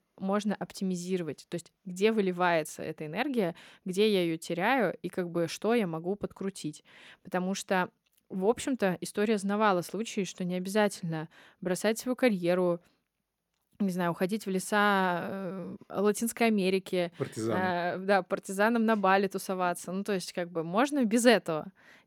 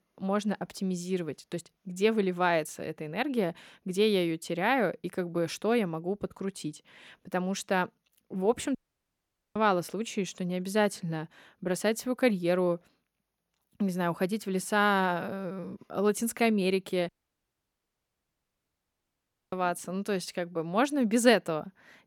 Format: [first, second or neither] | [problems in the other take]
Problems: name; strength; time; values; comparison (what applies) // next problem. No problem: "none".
first | audio cutting out; at 9 s for 1 s and at 17 s for 2.5 s